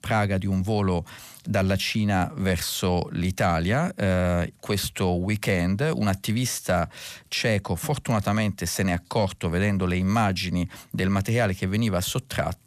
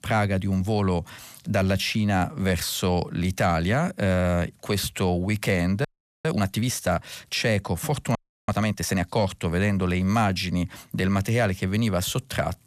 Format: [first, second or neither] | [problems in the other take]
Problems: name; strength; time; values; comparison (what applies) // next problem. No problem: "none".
first | audio freezing; at 6 s and at 8 s